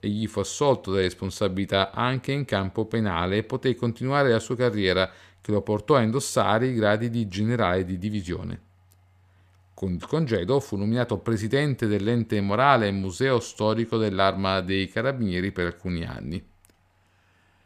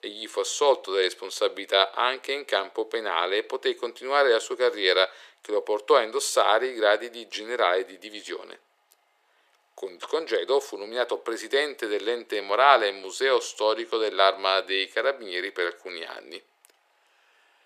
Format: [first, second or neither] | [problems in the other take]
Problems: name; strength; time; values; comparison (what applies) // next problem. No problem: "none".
first | thin; very; fading below 400 Hz